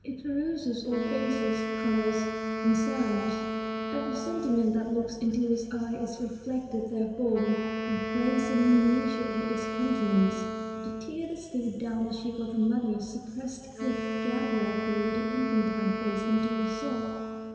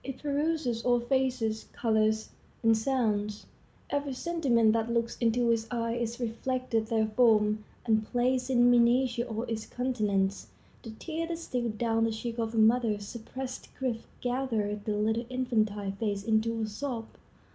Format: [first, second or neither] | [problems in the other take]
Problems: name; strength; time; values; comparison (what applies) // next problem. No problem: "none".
second | background sound (Wind instrument, woodwind instrument); 4 dB below the speech // room echo; dies away in 2.5 s